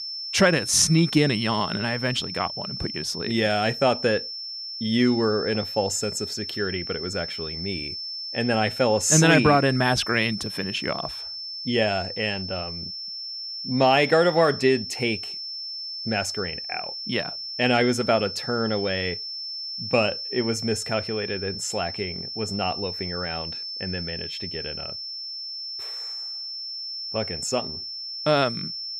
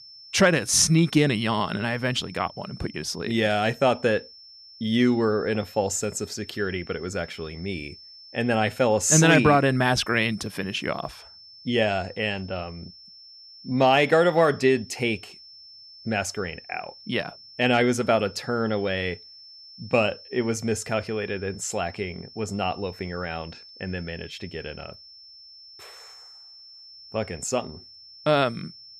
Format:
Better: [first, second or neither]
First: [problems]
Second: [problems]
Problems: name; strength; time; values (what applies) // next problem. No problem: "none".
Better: second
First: high-pitched whine; loud; throughout; 5.5 kHz, 7 dB below the speech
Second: high-pitched whine; faint; throughout; 5.5 kHz, 20 dB below the speech